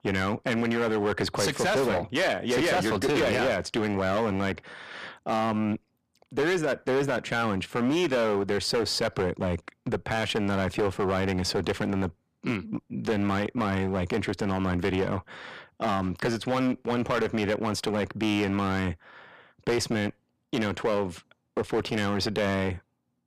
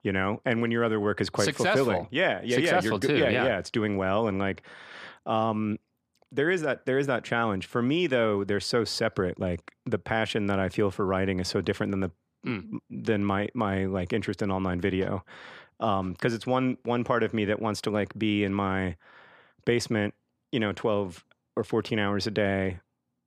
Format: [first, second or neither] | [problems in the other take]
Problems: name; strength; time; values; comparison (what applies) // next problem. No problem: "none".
second | distortion; heavy; 12% of the sound clipped